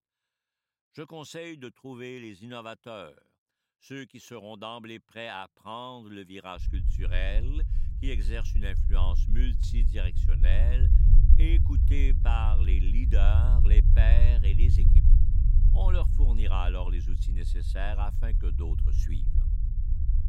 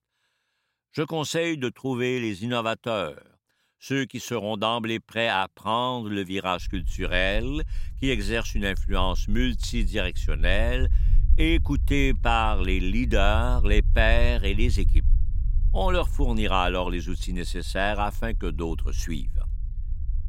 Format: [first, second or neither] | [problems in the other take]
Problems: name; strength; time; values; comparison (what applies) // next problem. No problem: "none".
second | low rumble; loud; from 6.5 s on; 6 dB below the speech; faint in the second